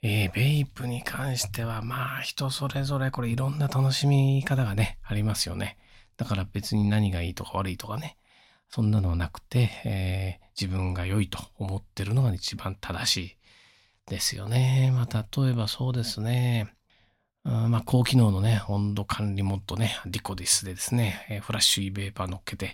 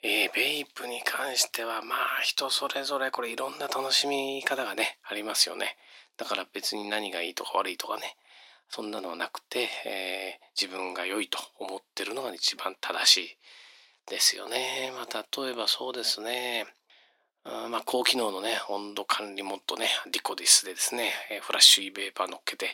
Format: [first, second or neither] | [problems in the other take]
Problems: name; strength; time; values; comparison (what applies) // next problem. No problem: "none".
first | thin; very; fading below 350 Hz